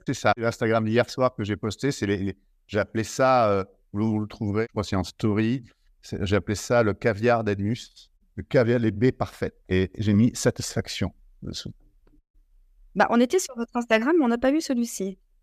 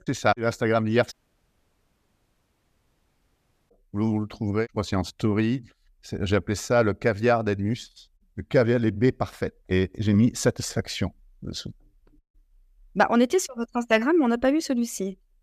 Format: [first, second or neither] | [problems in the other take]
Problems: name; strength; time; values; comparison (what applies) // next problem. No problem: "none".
first | audio cutting out; at 1 s for 2.5 s